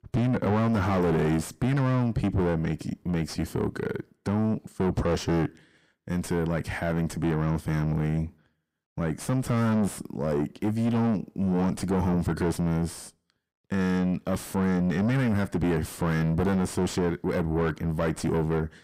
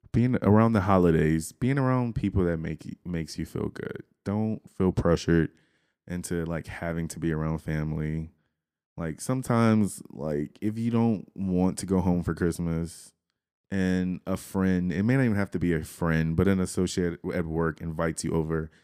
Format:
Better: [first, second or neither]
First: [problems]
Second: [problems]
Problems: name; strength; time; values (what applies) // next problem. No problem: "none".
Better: second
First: distortion; heavy; 6 dB below the speech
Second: none